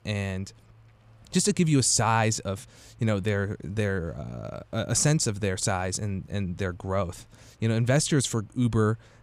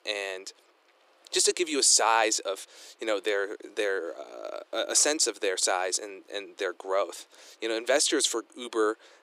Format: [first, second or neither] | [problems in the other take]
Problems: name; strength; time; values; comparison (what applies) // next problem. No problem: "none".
first | thin; very; fading below 300 Hz